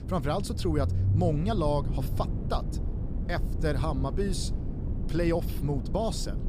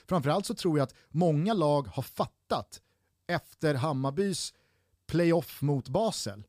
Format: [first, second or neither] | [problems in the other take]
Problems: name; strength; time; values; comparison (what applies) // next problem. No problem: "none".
second | low rumble; noticeable; throughout; 10 dB below the speech